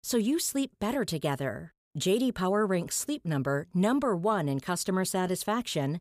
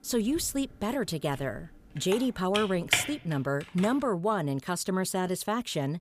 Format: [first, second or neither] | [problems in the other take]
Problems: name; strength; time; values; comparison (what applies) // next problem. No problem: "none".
first | household noises; loud; throughout; 3 dB below the speech